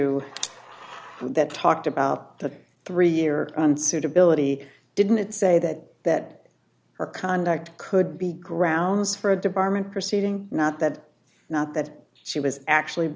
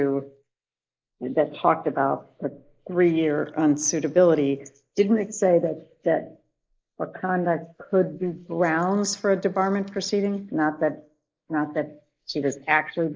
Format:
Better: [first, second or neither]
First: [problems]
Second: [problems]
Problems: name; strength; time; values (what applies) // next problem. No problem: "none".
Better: first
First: none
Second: noise reduction (neural mask model Resemble Enhance denoiser)